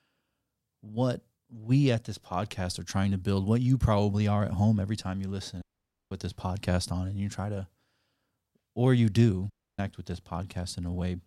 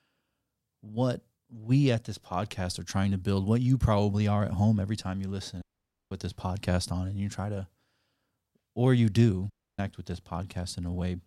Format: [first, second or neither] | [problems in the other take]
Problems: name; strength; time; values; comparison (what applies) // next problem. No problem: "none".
neither | audio cutting out; at 5.5 s and at 9.5 s; the same in both